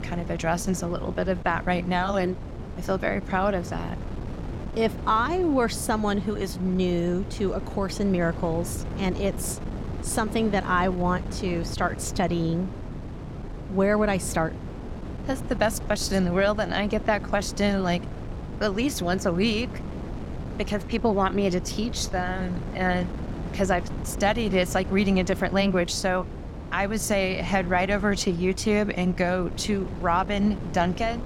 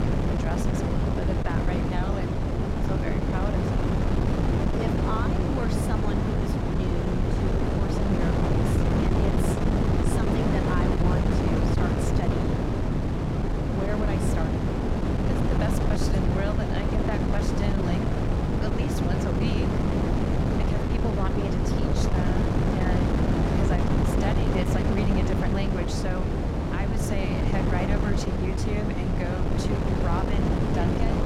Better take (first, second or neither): first